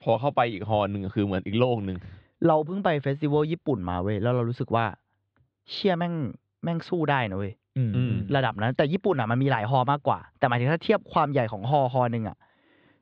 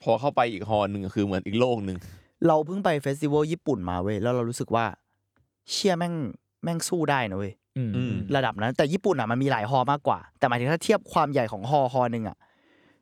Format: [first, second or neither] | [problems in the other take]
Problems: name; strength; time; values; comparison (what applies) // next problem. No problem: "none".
second | muffled; slightly; fading above 4 kHz